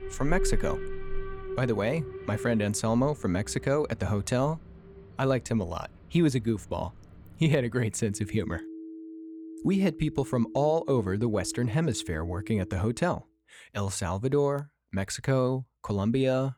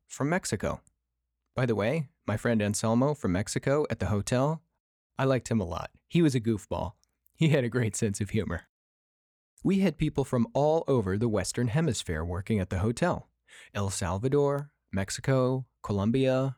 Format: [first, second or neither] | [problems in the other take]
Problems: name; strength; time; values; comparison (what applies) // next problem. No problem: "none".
second | alarms or sirens; noticeable; until 13 s; 15 dB below the speech